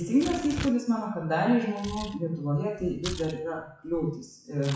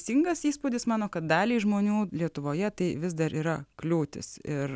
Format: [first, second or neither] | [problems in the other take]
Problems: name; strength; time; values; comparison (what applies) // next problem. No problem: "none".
second | noise reduction (classical method WPE with log-MMSE)